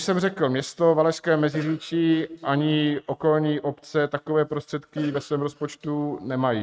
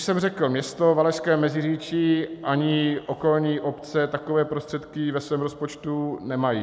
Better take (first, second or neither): second